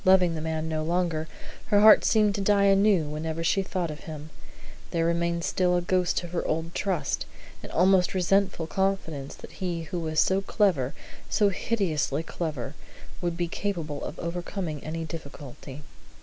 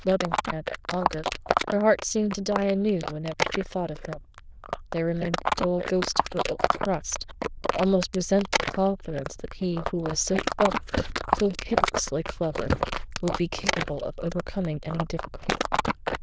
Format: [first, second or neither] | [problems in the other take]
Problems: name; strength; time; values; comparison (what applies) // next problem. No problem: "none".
first | noise reduction (neural diffusion model UNIVERSE++)